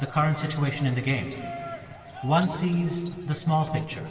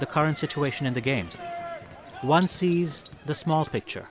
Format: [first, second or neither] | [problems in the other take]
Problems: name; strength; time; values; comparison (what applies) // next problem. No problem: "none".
second | room echo; dies away in 2.4 s